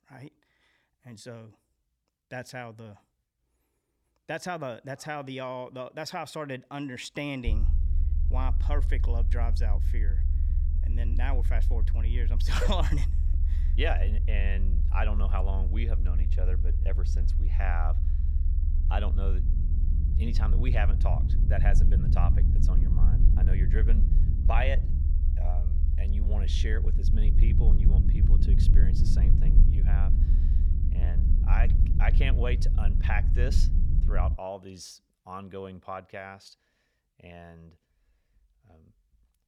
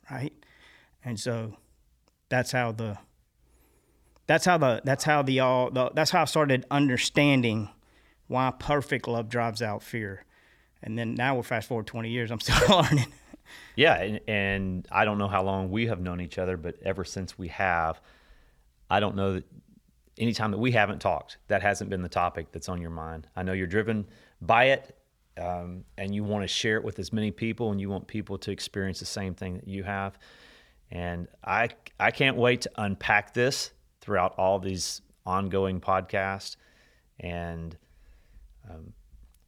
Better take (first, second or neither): second